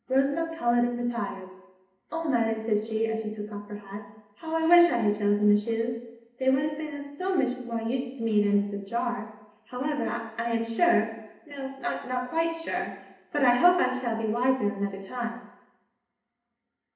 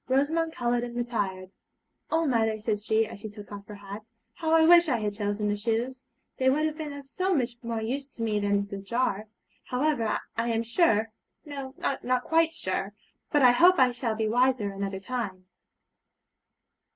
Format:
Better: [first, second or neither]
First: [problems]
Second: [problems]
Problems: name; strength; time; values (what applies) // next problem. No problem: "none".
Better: second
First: room echo; dies away in 0.8 s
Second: none